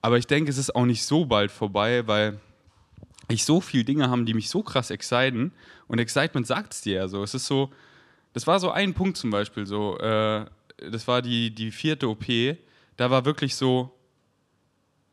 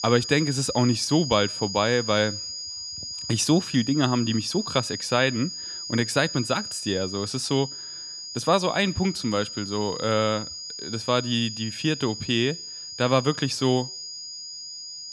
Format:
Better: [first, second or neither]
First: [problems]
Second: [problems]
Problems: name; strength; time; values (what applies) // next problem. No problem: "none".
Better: first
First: none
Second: high-pitched whine; loud; throughout; 5 kHz, 8 dB below the speech